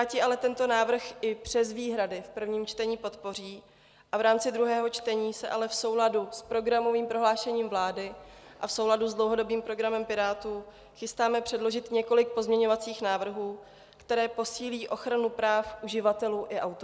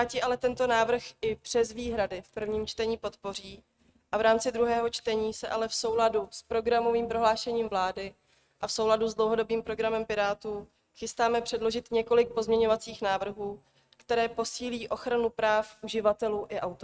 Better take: first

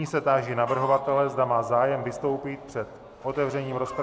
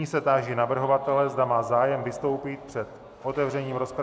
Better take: second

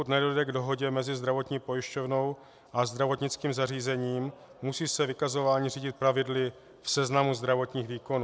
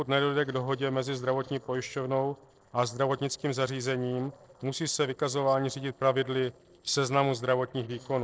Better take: first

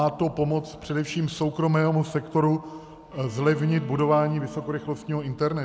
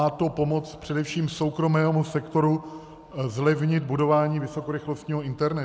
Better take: second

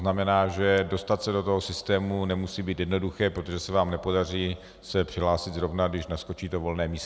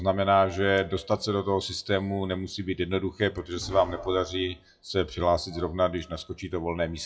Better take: first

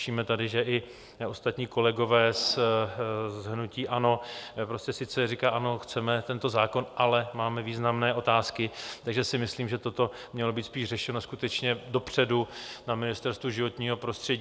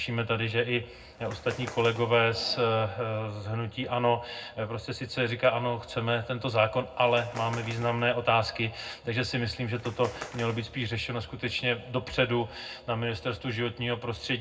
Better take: first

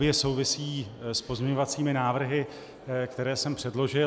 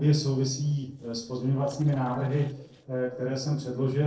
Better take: first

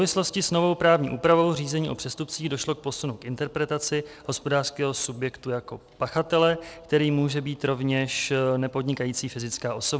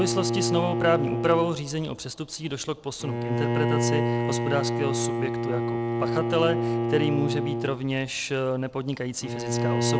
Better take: first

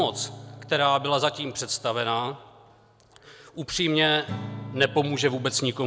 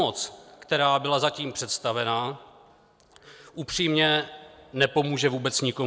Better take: second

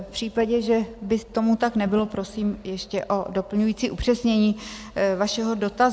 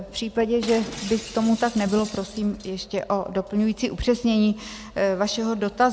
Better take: first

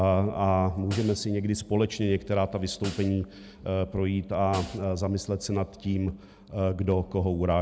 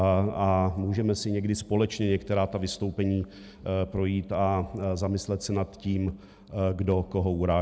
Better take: second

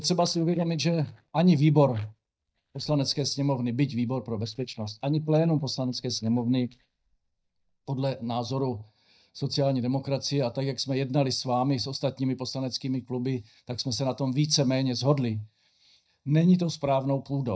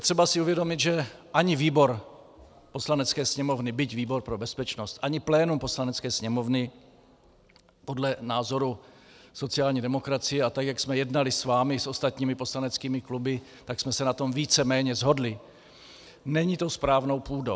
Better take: second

